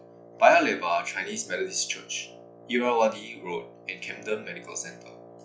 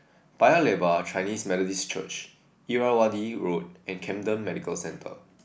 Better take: second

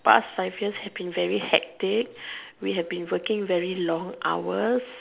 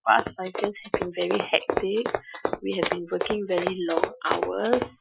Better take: first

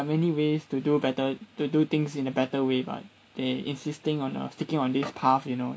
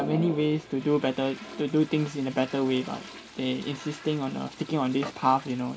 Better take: first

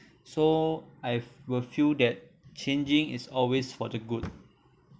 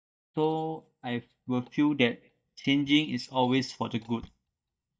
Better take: first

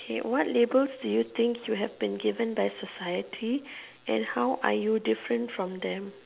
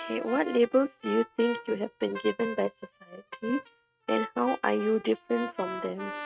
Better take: first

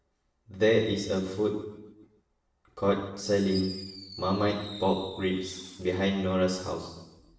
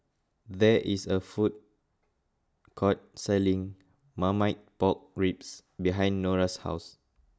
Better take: second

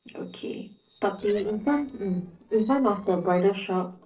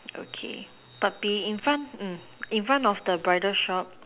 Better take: second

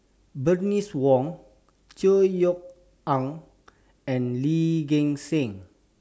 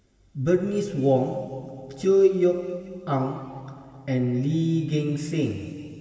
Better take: first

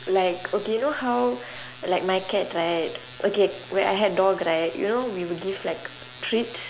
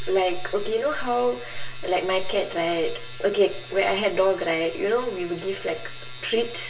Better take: first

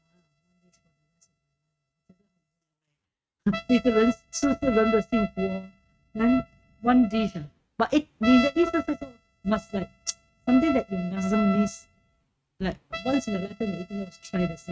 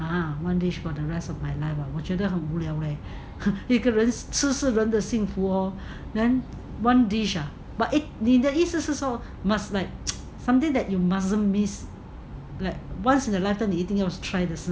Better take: second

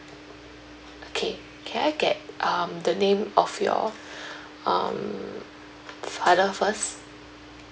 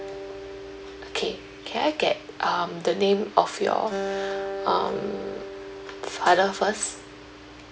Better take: first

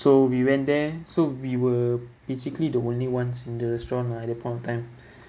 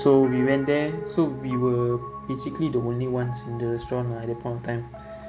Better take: first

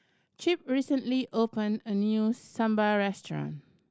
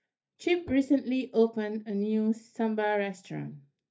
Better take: first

